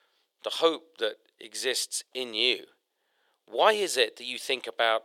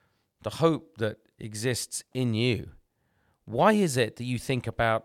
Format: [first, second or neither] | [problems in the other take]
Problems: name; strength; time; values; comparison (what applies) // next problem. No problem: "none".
second | thin; very; fading below 400 Hz